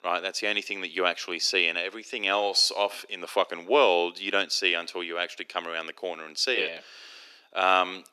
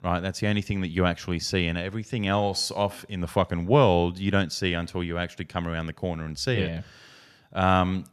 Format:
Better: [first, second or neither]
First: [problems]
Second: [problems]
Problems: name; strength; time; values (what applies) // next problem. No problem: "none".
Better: second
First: thin; very; fading below 350 Hz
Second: none